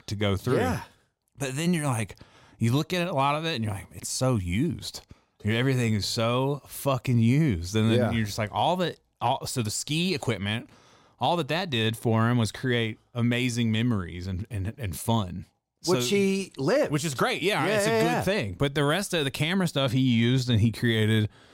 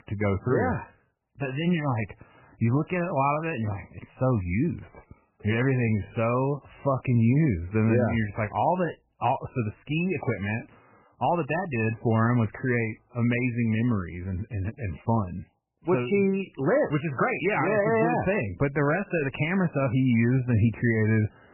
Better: first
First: none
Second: garbled, watery; badly; nothing above 3 kHz

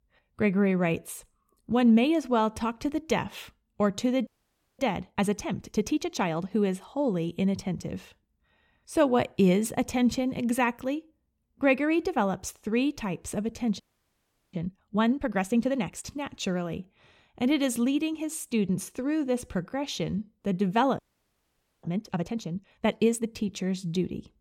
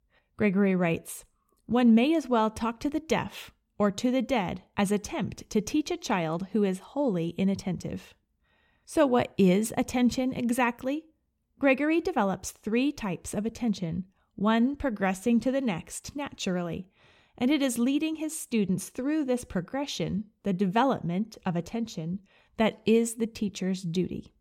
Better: second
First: audio freezing; at 4.5 s for 0.5 s, at 14 s for 0.5 s and at 21 s for 1 s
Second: none

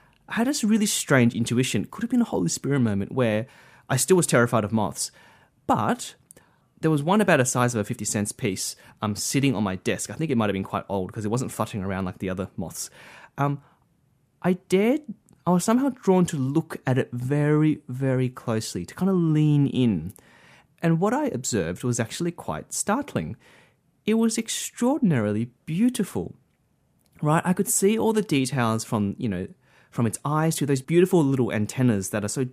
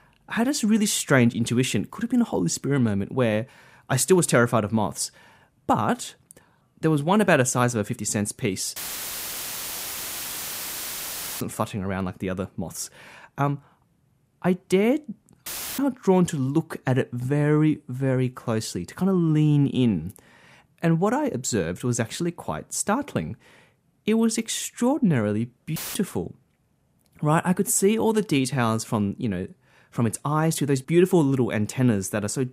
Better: first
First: none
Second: audio cutting out; filled with static; at 9 s for 2.5 s, at 15 s and at 26 s

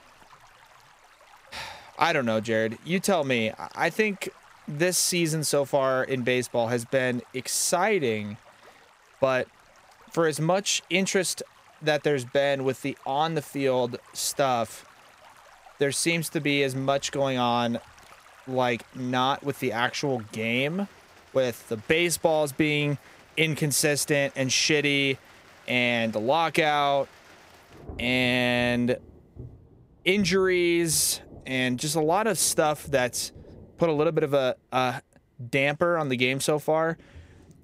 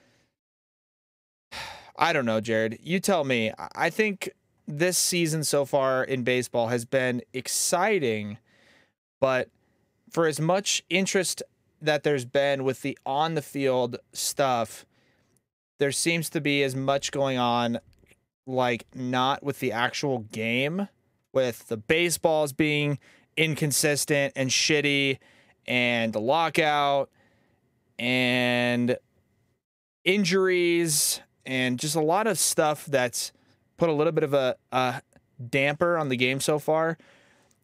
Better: second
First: rain or running water; faint; throughout; 25 dB below the speech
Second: none

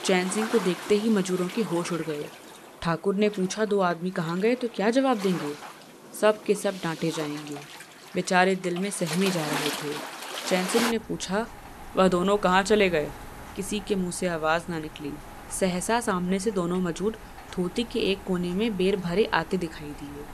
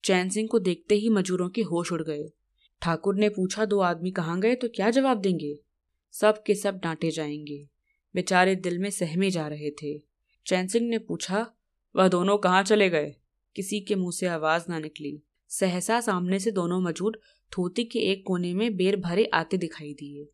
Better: second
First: rain or running water; noticeable; throughout; 10 dB below the speech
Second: none

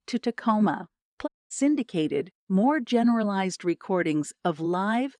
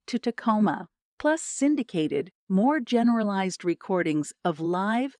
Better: second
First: audio cutting out; at 1.5 s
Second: none

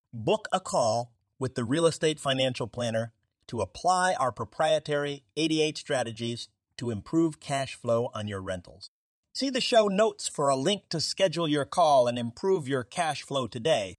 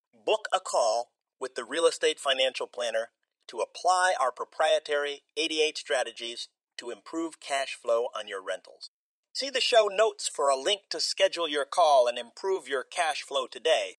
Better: first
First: none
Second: thin; very; fading below 450 Hz

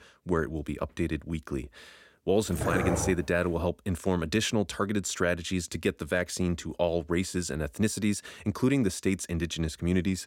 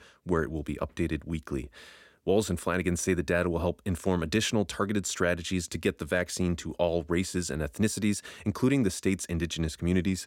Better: second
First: dog barking; loud; at 2.5 s; peak level with the speech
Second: none

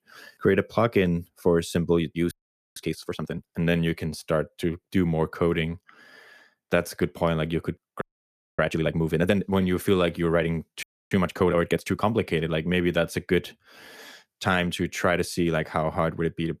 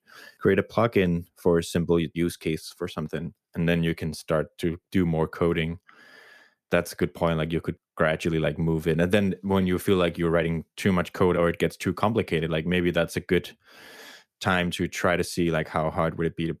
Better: second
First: audio freezing; at 2.5 s, at 8 s for 0.5 s and at 11 s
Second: none

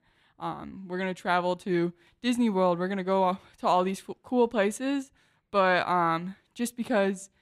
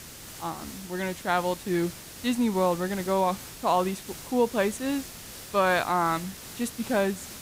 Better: first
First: none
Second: hiss; noticeable; throughout; 15 dB below the speech

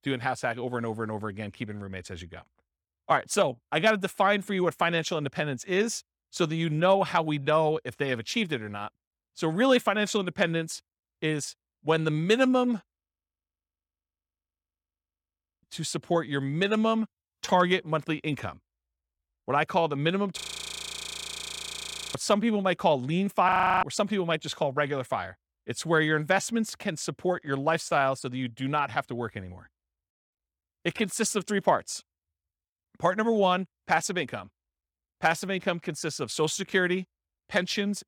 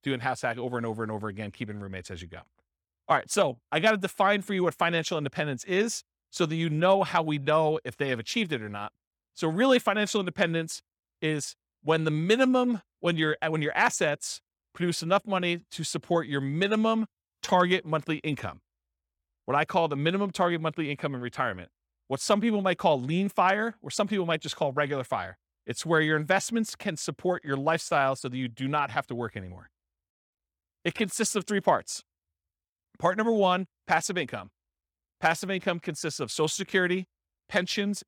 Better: second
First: audio freezing; at 13 s for 2.5 s, at 20 s for 2 s and at 23 s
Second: none

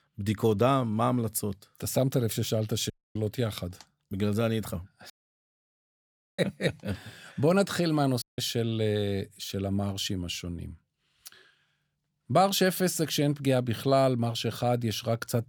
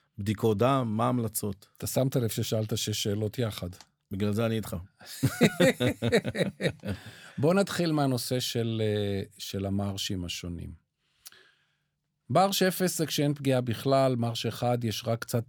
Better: second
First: audio cutting out; at 3 s, at 5 s for 1.5 s and at 8 s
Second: none

